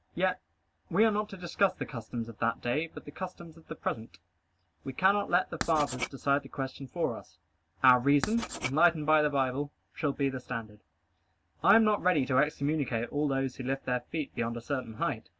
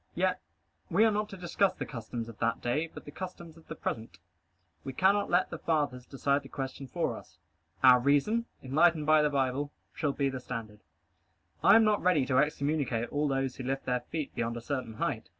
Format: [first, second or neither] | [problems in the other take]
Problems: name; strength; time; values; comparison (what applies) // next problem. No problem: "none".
second | background sound (Writing); 9 dB below the speech